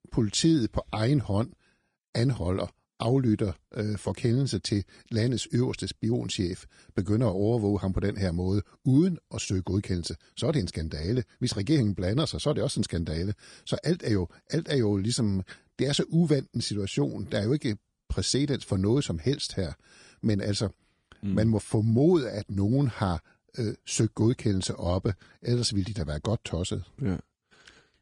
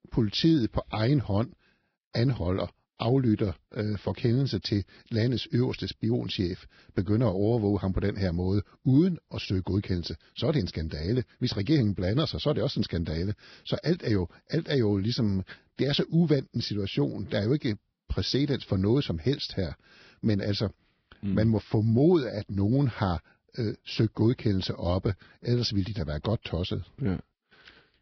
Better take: first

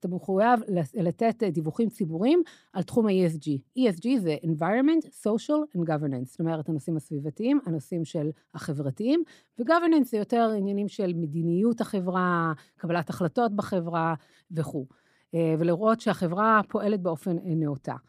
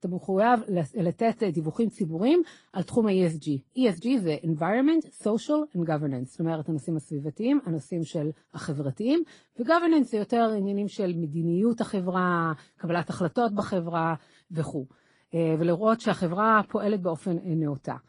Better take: first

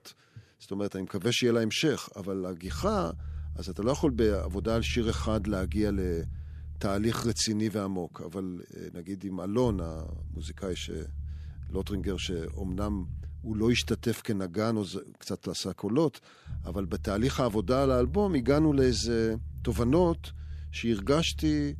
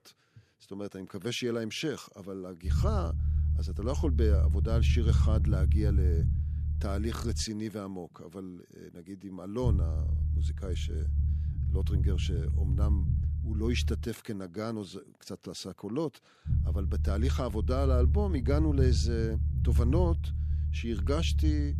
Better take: first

